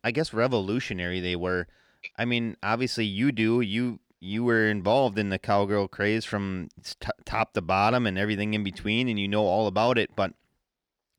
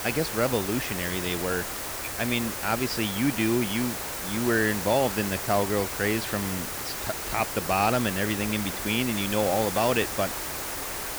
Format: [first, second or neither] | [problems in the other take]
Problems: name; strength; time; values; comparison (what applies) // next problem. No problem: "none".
first | hiss; loud; throughout; 4 dB below the speech